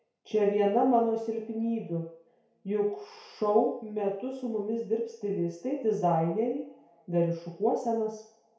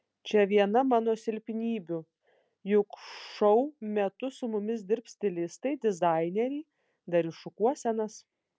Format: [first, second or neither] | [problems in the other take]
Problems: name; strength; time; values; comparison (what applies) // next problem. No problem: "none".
second | room echo; dies away in 0.6 s